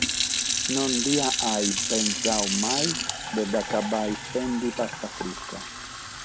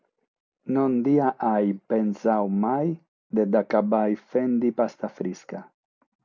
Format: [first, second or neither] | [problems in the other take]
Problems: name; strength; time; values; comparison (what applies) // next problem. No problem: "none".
second | background sound (Fill (with liquid) / Sink (filling or washing)); as loud as the speech